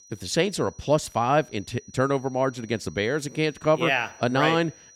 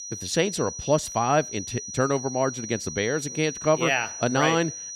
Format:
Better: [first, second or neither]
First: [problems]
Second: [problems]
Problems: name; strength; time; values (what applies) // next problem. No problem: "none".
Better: first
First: high-pitched whine; faint; throughout; 6 kHz, 25 dB below the speech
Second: high-pitched whine; loud; throughout; 6 kHz, 9 dB below the speech